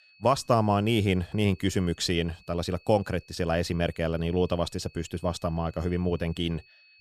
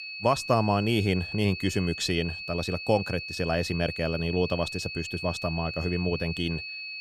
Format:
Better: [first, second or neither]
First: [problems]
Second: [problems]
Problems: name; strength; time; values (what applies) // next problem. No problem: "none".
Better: first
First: high-pitched whine; faint; throughout; 2.5 kHz, 30 dB below the speech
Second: high-pitched whine; loud; throughout; 2.5 kHz, 7 dB below the speech